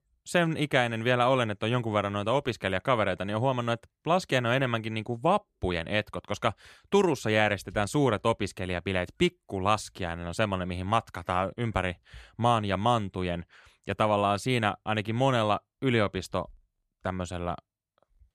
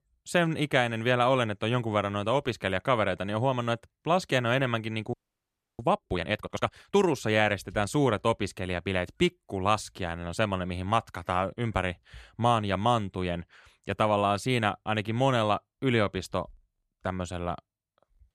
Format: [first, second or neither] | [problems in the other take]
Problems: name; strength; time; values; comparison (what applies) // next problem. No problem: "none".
first | audio freezing; at 5 s for 0.5 s